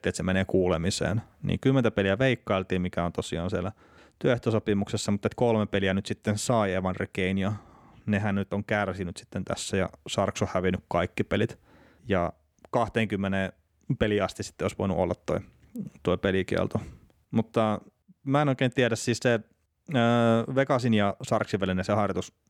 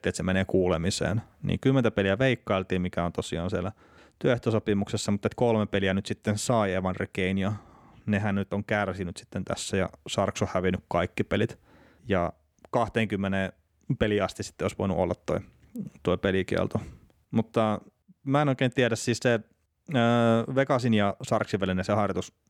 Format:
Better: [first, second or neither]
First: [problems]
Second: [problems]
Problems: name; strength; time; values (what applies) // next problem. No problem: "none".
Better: neither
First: none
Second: none